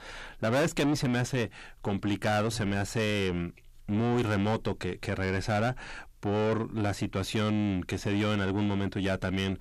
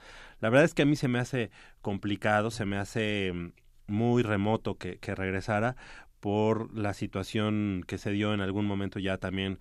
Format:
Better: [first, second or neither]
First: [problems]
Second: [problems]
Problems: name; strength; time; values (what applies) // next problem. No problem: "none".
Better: second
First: distortion; heavy; 7 dB below the speech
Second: none